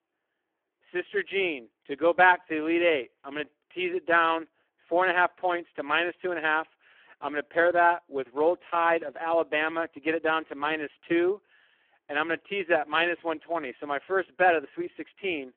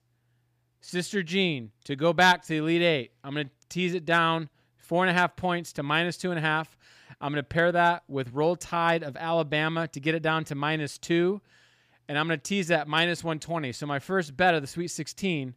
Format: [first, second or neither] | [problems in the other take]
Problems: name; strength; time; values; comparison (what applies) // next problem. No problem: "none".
second | phone-call audio; poor line